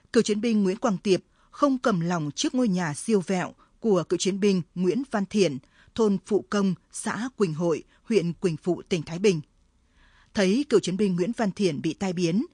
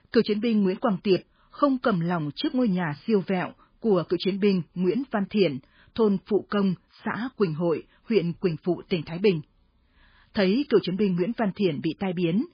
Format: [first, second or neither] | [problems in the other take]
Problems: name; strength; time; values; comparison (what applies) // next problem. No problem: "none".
first | garbled, watery; badly; nothing above 4.5 kHz; slightly in the first